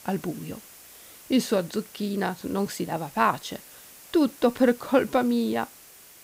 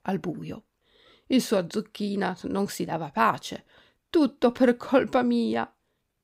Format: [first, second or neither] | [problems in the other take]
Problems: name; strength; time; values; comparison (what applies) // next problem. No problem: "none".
second | hiss; noticeable; throughout; 20 dB below the speech